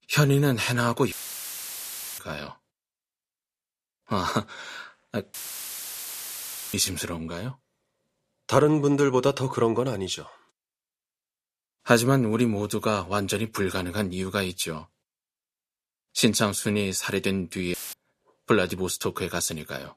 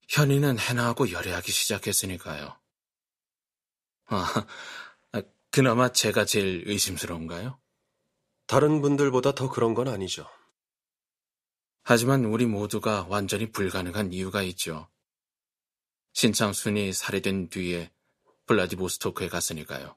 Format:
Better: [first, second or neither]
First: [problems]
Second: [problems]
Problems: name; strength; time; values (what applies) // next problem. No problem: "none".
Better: second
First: audio cutting out; filled with static; at 1 s for 1 s, at 5.5 s for 1.5 s and at 18 s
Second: none